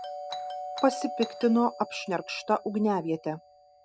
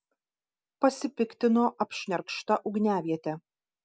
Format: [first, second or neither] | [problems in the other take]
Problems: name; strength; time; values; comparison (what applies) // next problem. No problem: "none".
second | background sound (Doorbell); 11 dB below the speech